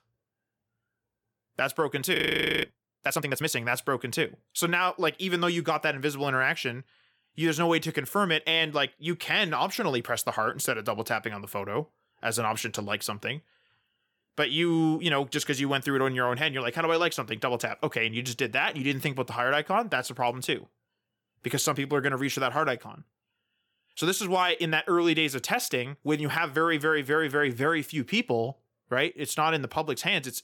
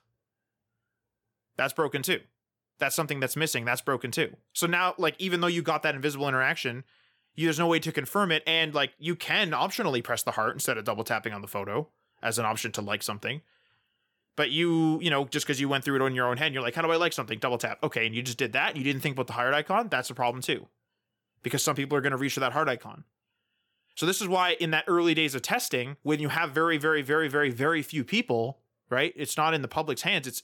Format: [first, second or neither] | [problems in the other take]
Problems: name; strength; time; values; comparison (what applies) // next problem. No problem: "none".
second | audio freezing; at 2 s